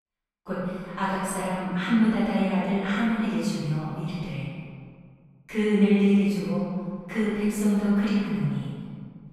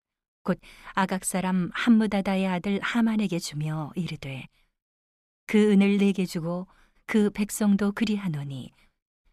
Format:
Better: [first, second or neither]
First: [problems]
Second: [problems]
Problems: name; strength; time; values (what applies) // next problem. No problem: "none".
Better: second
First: room echo; strong; dies away in 1.9 s // off-mic speech; far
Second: none